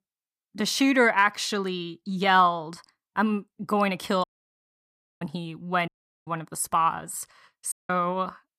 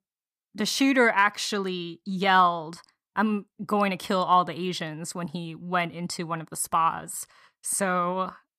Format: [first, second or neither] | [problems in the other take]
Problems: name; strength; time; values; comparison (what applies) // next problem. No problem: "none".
second | audio cutting out; at 4 s for 1 s, at 6 s and at 7.5 s